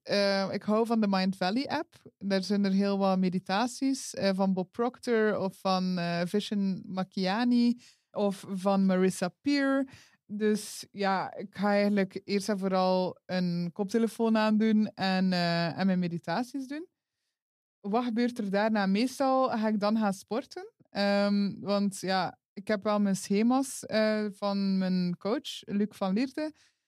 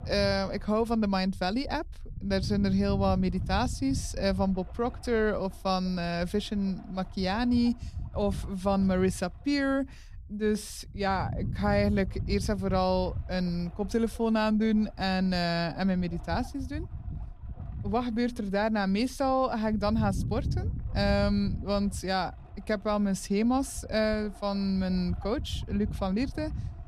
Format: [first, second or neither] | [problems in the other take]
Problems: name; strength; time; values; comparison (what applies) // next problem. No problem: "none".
first | low rumble; noticeable; throughout; 20 dB below the speech